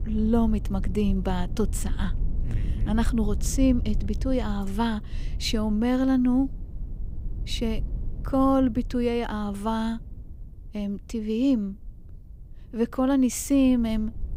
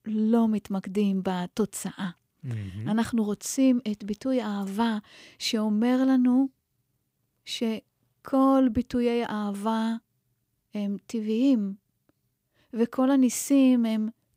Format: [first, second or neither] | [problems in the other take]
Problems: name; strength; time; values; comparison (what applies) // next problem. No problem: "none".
second | low rumble; faint; throughout; 20 dB below the speech